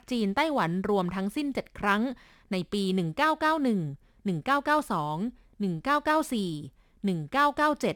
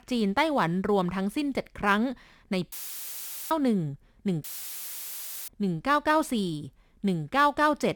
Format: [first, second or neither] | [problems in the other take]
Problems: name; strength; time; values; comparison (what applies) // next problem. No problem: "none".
first | audio cutting out; filled with static; at 2.5 s for 1 s and at 4.5 s for 1 s